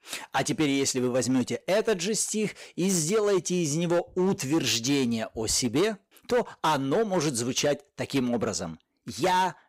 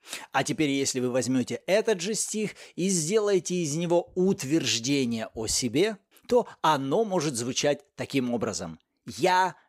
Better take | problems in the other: second | distortion; slight; 9% of the sound clipped

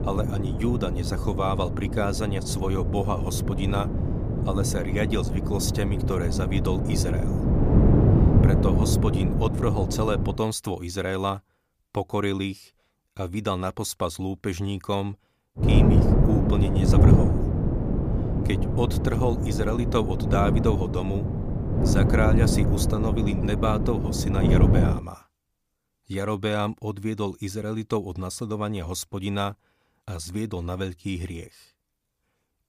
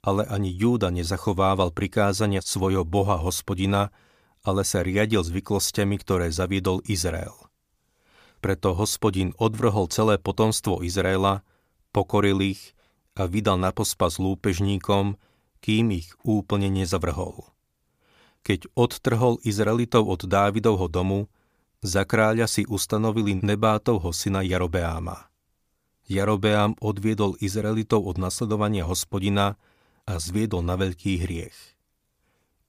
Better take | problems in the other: second | wind noise on the microphone; heavy; until 10 s and from 16 to 25 s; 1 dB below the speech

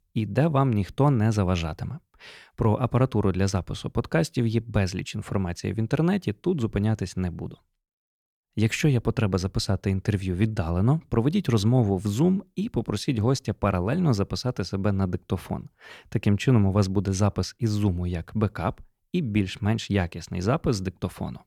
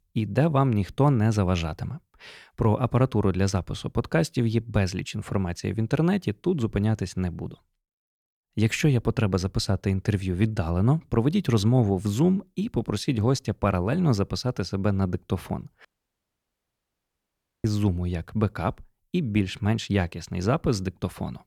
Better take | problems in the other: first | audio cutting out; at 16 s for 2 s

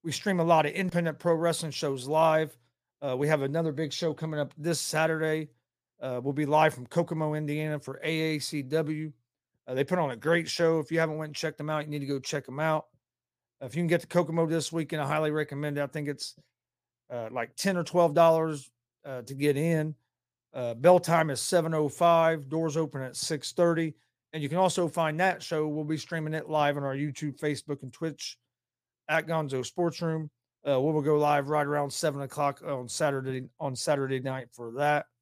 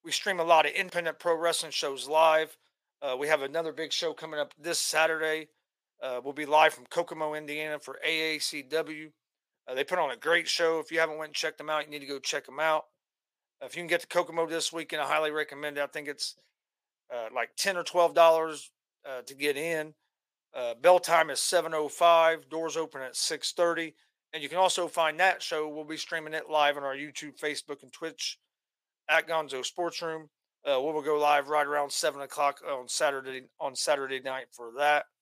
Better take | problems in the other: first | thin; very; fading below 550 Hz

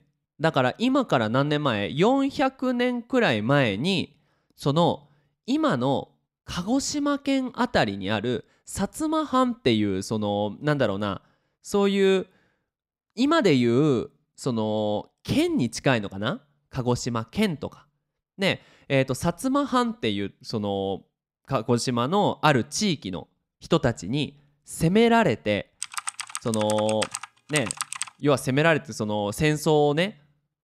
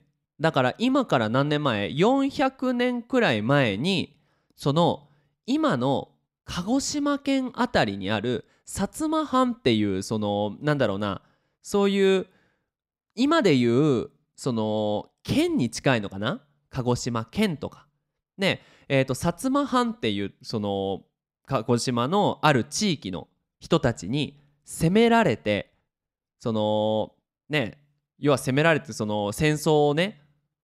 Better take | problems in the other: second | keyboard typing; noticeable; from 26 to 28 s; peak 5 dB below the speech

